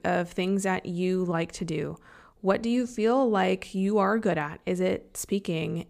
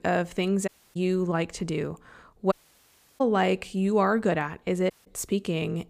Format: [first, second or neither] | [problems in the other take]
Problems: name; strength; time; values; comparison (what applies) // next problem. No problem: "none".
first | audio cutting out; at 0.5 s, at 2.5 s for 0.5 s and at 5 s